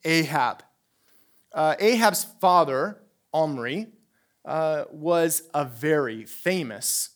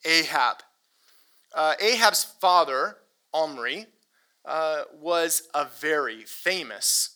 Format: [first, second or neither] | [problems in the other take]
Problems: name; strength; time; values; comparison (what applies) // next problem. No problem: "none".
first | thin; somewhat; fading below 450 Hz